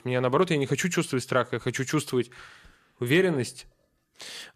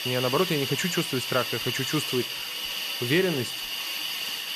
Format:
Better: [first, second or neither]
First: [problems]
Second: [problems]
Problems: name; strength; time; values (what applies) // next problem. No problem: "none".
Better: first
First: none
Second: hiss; loud; throughout; 1 dB below the speech